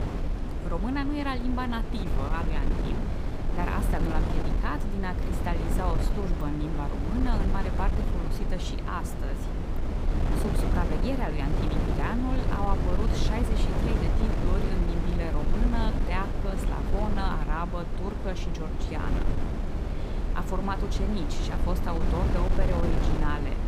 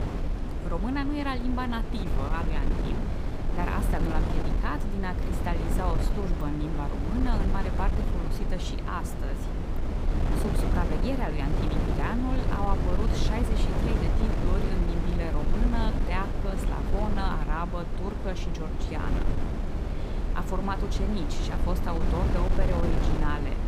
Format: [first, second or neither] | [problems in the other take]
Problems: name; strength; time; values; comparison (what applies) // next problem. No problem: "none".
neither | wind noise on the microphone; heavy; 2 dB below the speech; the same in both